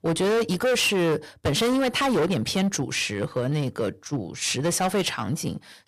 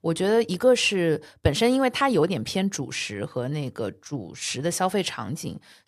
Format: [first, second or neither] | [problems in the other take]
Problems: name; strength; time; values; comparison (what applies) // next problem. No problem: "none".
second | distortion; heavy; 17% of the sound clipped